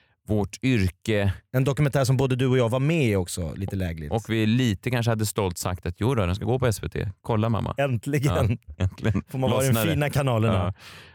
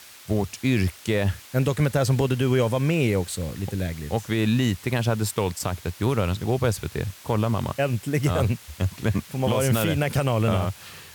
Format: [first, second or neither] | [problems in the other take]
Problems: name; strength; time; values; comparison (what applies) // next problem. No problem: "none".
first | hiss; noticeable; throughout; 20 dB below the speech